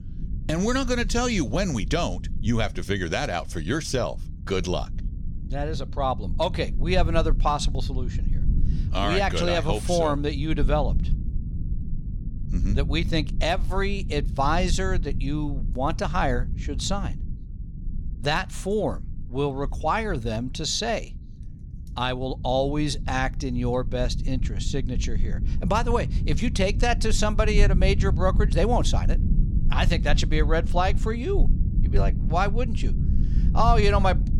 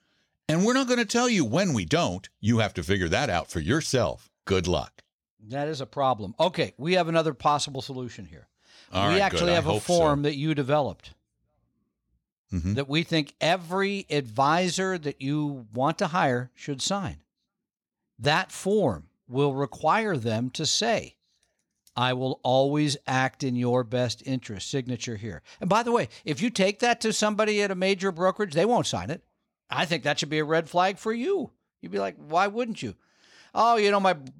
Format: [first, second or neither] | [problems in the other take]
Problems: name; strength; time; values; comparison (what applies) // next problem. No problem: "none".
second | low rumble; noticeable; throughout; 15 dB below the speech